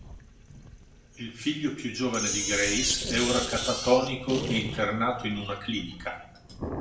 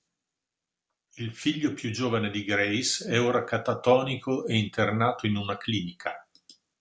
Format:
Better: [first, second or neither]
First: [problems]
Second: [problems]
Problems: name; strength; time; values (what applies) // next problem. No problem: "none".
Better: second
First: background sound (Sink (filling or washing)); 5 dB below the speech // room echo; dies away in 0.7 s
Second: none